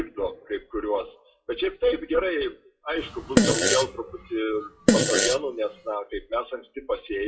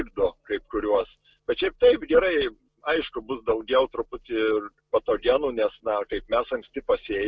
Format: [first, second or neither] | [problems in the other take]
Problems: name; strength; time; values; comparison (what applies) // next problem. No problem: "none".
second | noise reduction (classical method WPE with log-MMSE)